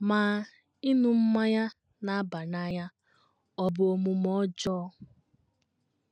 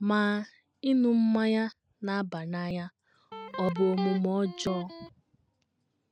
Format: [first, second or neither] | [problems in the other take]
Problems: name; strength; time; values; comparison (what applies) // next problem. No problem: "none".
first | background sound (Electric guitar); 10 dB below the speech